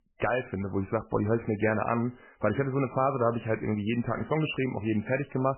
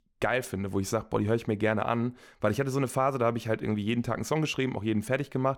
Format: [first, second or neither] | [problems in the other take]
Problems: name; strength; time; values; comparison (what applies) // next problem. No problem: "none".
second | garbled, watery; badly; nothing above 3 kHz